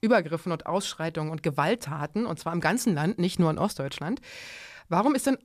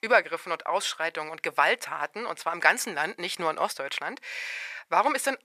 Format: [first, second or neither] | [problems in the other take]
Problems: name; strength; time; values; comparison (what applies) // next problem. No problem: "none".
first | thin; very; fading below 700 Hz